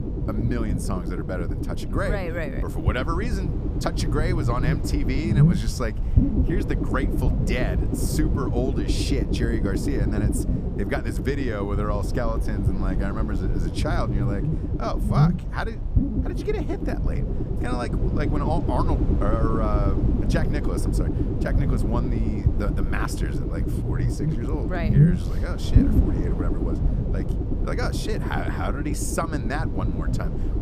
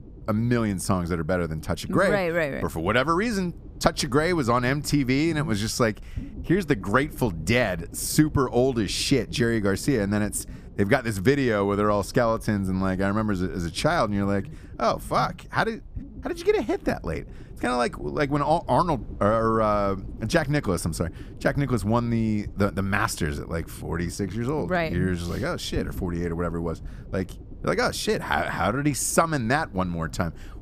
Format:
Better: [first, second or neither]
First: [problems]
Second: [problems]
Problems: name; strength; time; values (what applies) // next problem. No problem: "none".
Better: second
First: low rumble; loud; throughout; 3 dB below the speech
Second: low rumble; faint; throughout; 25 dB below the speech